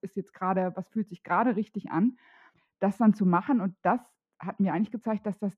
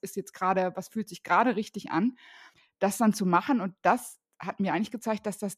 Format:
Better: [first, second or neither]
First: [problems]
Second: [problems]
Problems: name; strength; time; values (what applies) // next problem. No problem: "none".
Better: second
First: muffled; very; fading above 3 kHz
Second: none